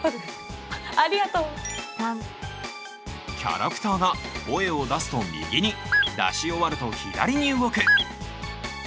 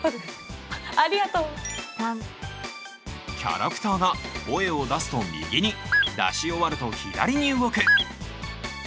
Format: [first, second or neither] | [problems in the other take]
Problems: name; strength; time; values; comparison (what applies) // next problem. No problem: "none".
second | background sound (Wind instrument, woodwind instrument); 19 dB below the speech